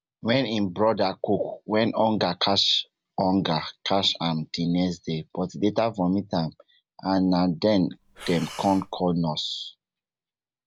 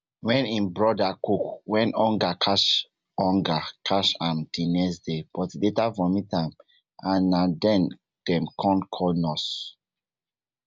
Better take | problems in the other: second | background sound (Breathing); 17 dB below the speech

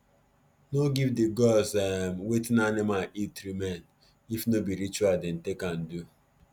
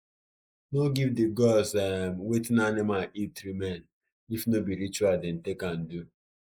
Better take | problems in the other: first | noise reduction (neural mask model Resemble Enhance denoiser)

